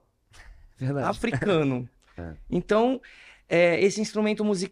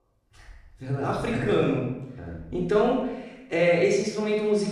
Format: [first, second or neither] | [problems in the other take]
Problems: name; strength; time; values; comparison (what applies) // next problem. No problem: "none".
first | off-mic speech; far // room echo; noticeable; dies away in 0.8 s